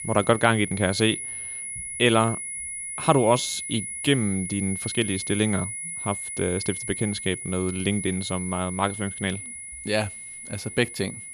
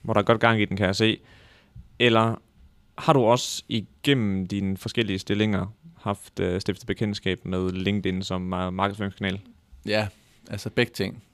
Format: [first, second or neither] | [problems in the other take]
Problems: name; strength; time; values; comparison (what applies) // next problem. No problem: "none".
second | high-pitched whine; loud; throughout; 10.5 kHz, 6 dB below the speech